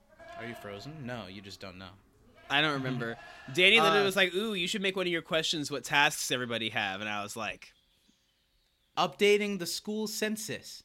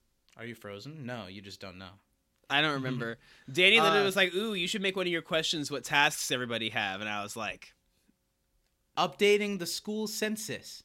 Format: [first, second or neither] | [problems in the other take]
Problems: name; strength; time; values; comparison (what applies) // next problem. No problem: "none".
second | animal sounds; faint; throughout; 25 dB below the speech